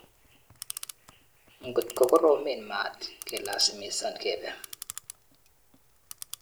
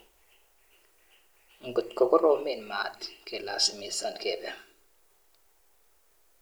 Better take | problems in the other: second | background sound (Clock); 15 dB below the speech

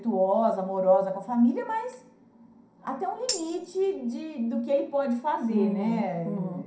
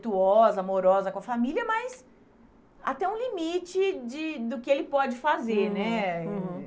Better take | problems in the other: second | background sound (Tambourine); 11 dB below the speech // room echo; dies away in 0.5 s

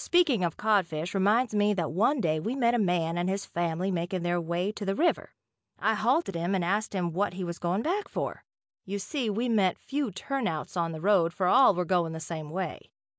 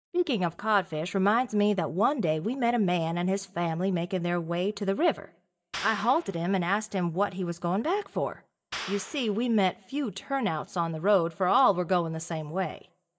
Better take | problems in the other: first | noise reduction (neural mask model DeepFilterNet 3)

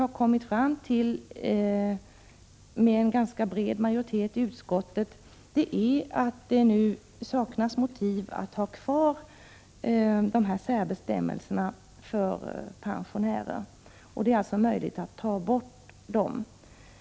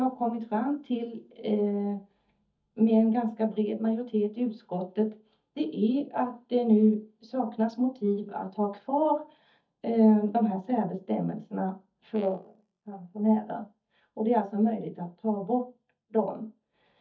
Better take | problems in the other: first | noise reduction (neural mask model DeepFilterNet 3)

